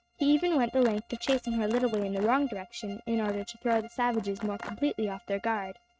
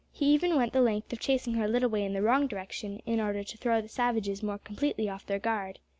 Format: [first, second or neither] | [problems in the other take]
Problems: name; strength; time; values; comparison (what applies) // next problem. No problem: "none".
second | noise reduction (neural mask model RNNoise)